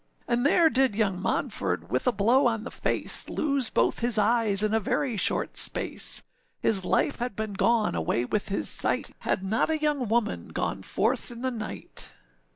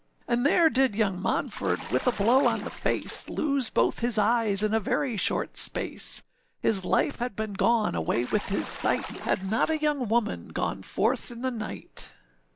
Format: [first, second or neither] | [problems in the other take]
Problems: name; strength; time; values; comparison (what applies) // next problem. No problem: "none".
first | background sound (Bathtub (filling or washing) / Splash, splatter); 14 dB below the speech